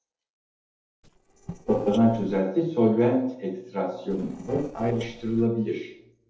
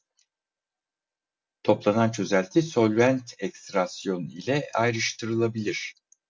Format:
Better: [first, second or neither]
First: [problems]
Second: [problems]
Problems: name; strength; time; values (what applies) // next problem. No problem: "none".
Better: second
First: noise reduction (neural separator model SepFormer DNS4)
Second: none